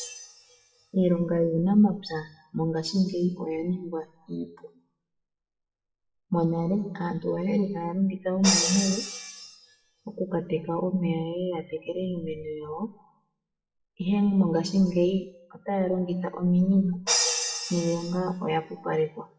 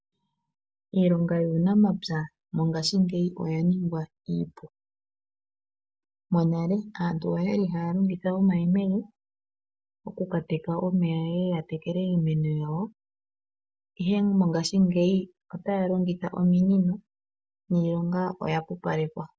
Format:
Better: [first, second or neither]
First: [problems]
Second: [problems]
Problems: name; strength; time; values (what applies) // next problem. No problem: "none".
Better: second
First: noise reduction (classical method WPE with log-MMSE)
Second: none